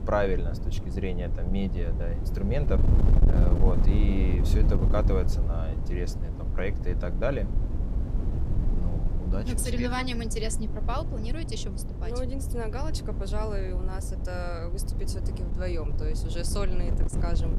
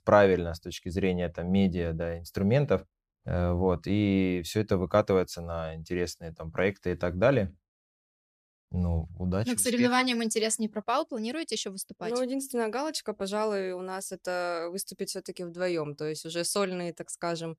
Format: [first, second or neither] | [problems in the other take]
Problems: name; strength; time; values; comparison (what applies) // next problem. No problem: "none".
second | wind noise on the microphone; heavy; 7 dB below the speech